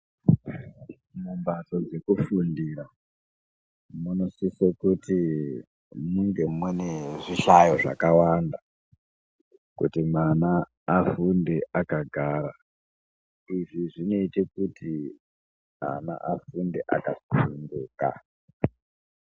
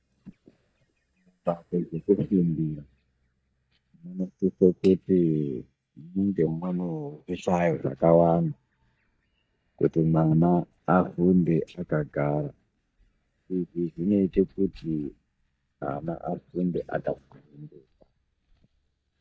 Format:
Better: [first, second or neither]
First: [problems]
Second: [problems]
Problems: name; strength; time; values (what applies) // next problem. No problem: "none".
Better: first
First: none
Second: noise reduction (neural mask model DeepFilterNet 3)